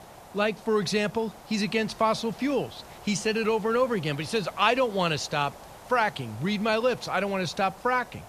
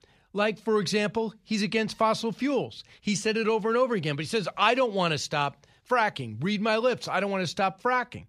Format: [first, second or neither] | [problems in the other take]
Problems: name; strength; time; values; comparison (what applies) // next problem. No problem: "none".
second | hiss; noticeable; throughout; 20 dB below the speech